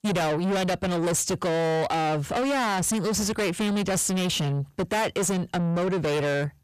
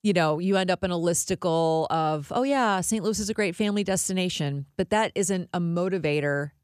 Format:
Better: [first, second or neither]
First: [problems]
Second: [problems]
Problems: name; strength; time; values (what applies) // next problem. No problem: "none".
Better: second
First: distortion; heavy; 6 dB below the speech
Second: none